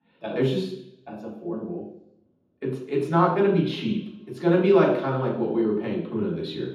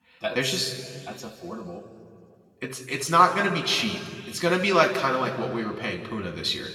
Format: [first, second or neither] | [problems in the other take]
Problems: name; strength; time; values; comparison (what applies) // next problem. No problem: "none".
second | room echo; strong; dies away in 0.9 s; slight in the second // off-mic speech; far; somewhat distant in the second